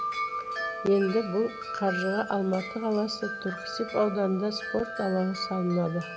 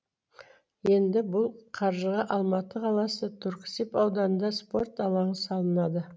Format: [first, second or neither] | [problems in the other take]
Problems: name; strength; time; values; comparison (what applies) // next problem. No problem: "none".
second | background sound (Wind chime); 8 dB below the speech